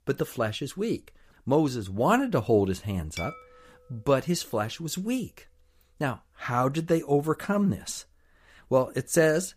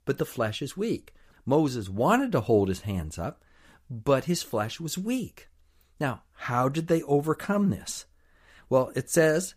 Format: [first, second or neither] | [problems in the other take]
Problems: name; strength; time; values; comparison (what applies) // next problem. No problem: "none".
second | clattering dishes; faint; at 3 s; peak 10 dB below the speech